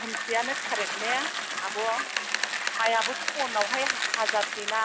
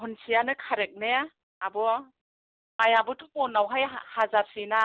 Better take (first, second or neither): second